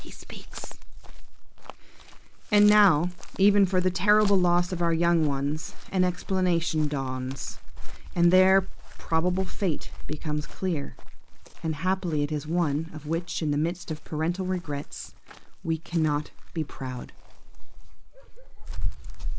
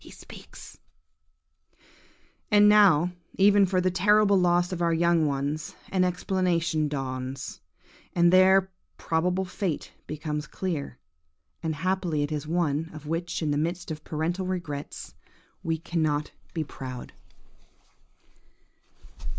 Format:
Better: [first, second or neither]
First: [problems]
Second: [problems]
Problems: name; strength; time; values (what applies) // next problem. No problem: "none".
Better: second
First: background sound (Chirp, tweet); 1 dB above the speech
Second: none